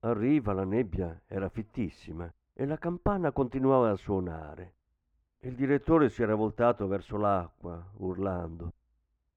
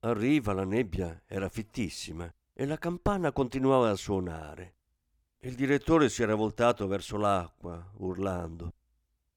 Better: second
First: muffled; very; fading above 3 kHz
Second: none

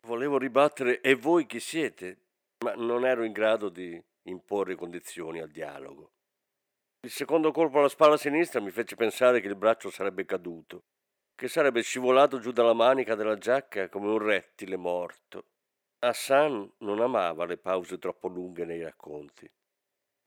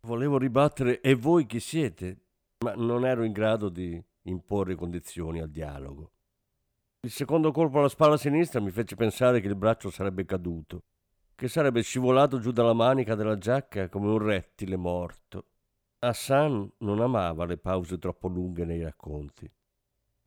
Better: second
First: thin; somewhat; fading below 400 Hz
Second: none

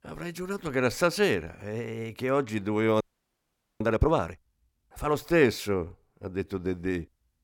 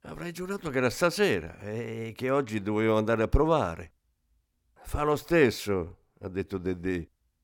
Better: second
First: audio freezing; at 3 s for 1 s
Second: none

